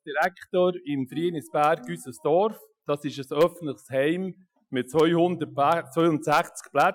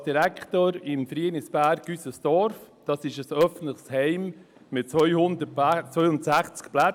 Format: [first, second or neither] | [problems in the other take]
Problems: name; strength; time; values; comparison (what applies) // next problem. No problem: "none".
second | noise reduction (classical method Wiener filter)